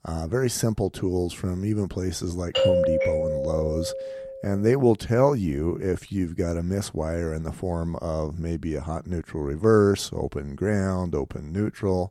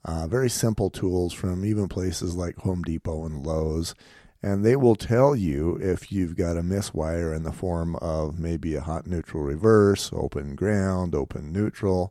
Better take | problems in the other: second | doorbell; loud; from 2.5 to 4.5 s; peak 5 dB above the speech

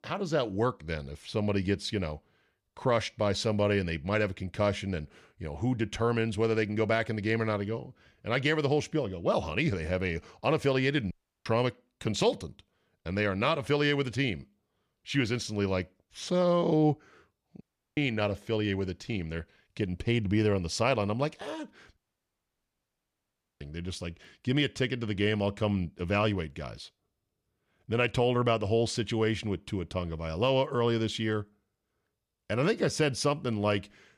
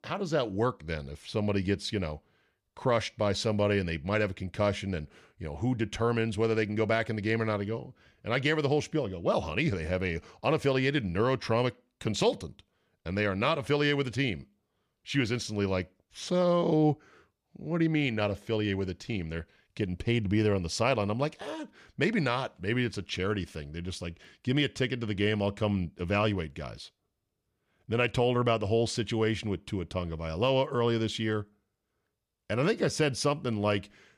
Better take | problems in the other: second | audio cutting out; at 11 s, at 18 s and at 22 s for 1.5 s

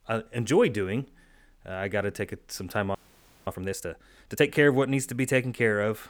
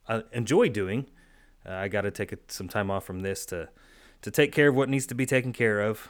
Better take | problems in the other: second | audio freezing; at 3 s for 0.5 s

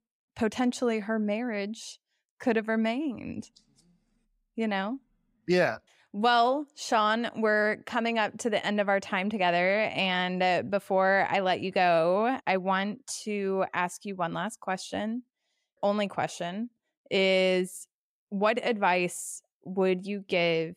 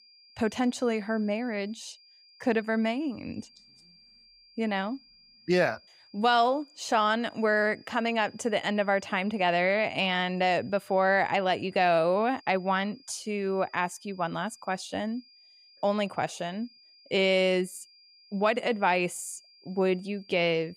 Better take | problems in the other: first | high-pitched whine; faint; throughout; 5 kHz, 25 dB below the speech

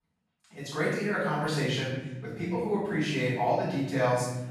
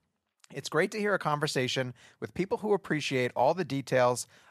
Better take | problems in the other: second | room echo; strong; dies away in 1.3 s // off-mic speech; far

